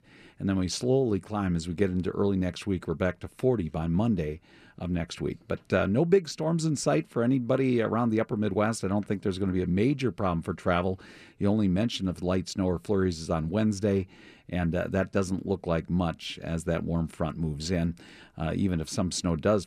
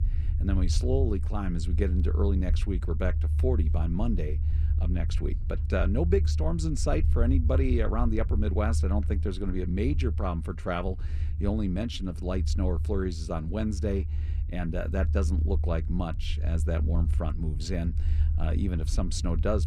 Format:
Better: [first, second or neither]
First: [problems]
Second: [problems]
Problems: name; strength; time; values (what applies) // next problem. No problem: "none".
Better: first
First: none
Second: low rumble; noticeable; throughout; 10 dB below the speech